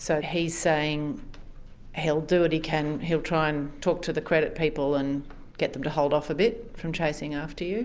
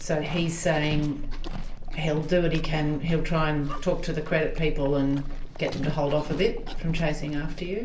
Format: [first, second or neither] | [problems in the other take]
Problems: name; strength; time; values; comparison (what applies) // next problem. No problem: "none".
first | background sound (Livestock, farm animals, working animals); 16 dB below the speech // room echo; dies away in 0.3 s